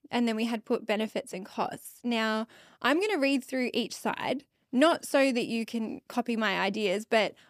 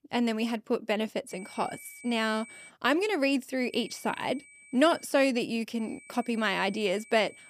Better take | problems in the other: first | high-pitched whine; faint; from 1.5 to 2.5 s, from 3.5 to 5 s and from 6 s on; 2.5 kHz, 20 dB below the speech

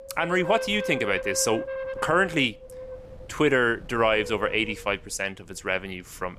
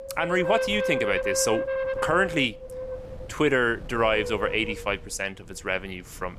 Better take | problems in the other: first | wind noise on the microphone; heavy; 5 dB below the speech; occasional gusts in the first

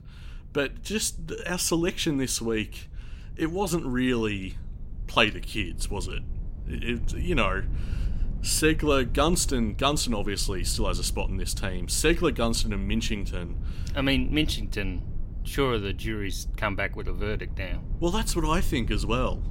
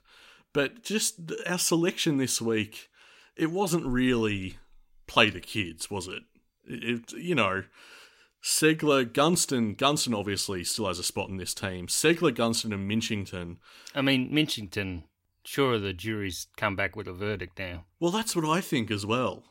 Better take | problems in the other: second | low rumble; faint; throughout; 25 dB below the speech

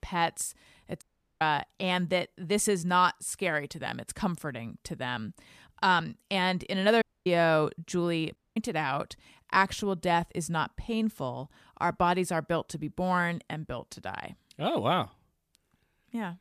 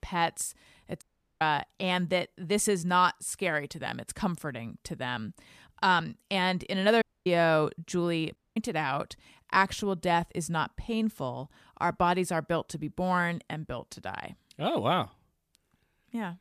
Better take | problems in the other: neither | audio cutting out; at 1 s, at 7 s and at 8.5 s; the same in both

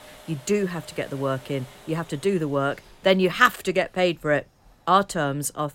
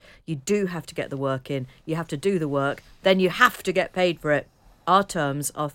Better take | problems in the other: second | household noises; faint; throughout; 25 dB below the speech

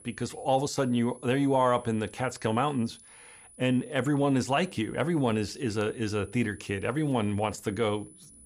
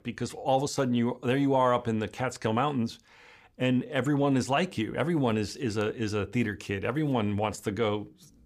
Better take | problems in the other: second | high-pitched whine; faint; throughout; 10 kHz, 25 dB below the speech

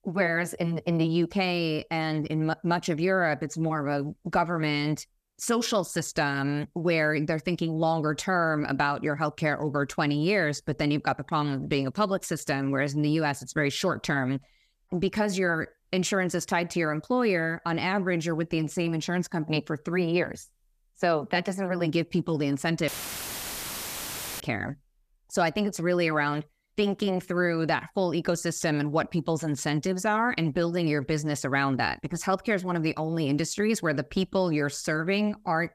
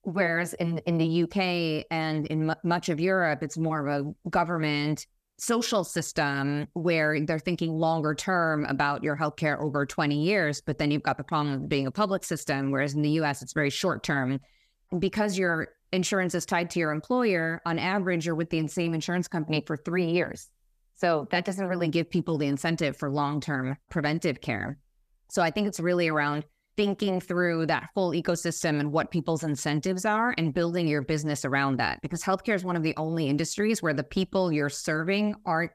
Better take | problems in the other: second | audio cutting out; filled with static; at 23 s for 1.5 s

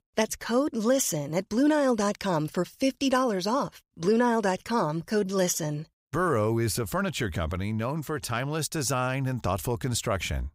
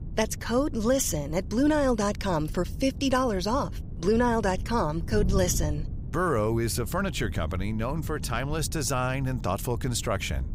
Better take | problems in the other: first | wind noise on the microphone; occasional gusts; 20 dB below the speech

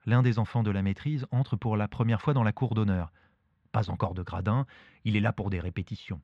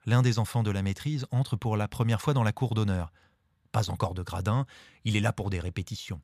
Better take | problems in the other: second | muffled; slightly; fading above 2.5 kHz

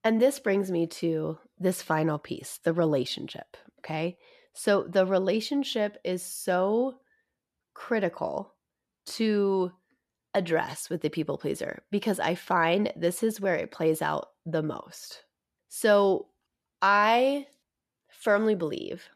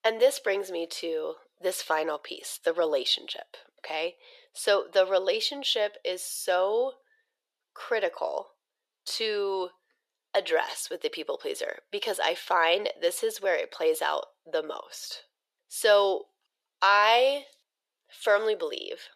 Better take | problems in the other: first | thin; very; fading below 450 Hz

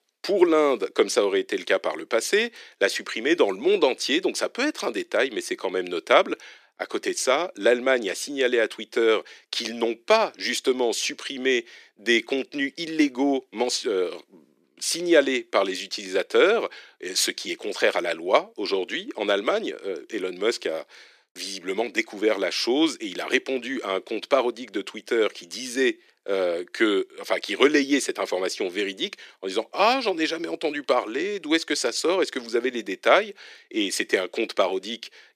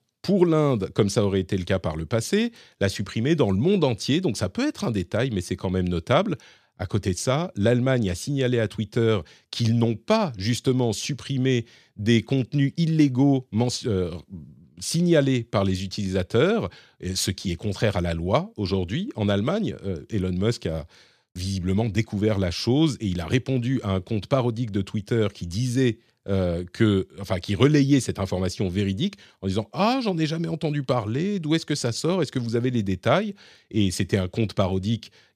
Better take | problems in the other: second | thin; somewhat; fading below 300 Hz

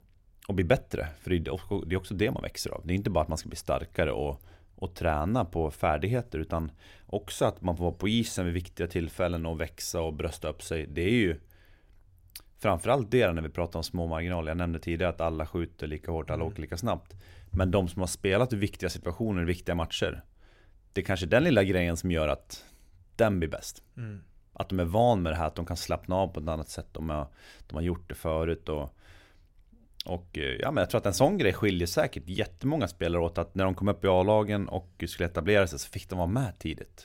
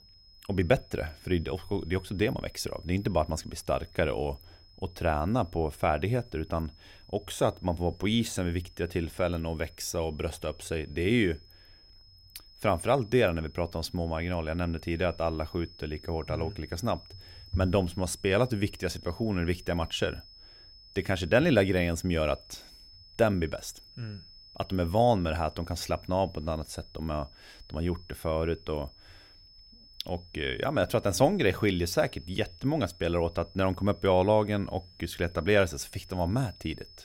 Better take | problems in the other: first | high-pitched whine; faint; throughout; 5 kHz, 25 dB below the speech

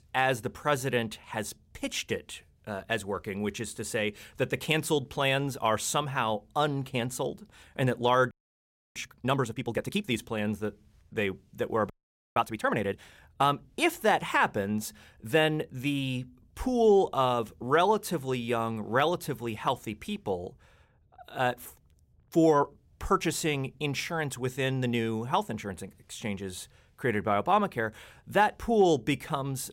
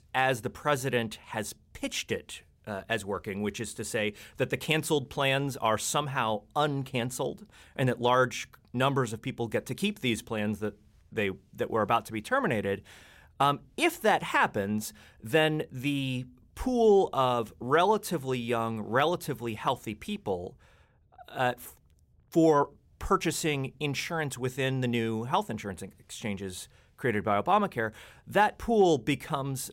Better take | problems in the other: second | audio freezing; at 8.5 s for 0.5 s and at 12 s

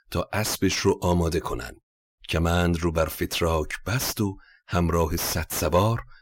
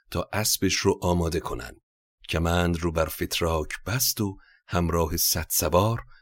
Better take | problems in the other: second | distortion; slight; 10 dB below the speech

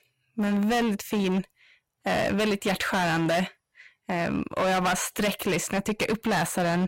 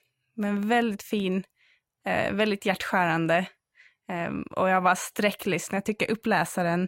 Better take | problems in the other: second | distortion; heavy; 19% of the sound clipped

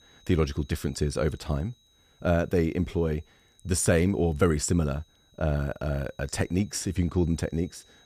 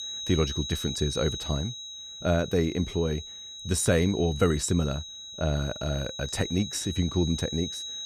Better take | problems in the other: first | high-pitched whine; loud; throughout; 4 kHz, 8 dB below the speech; faint in the first

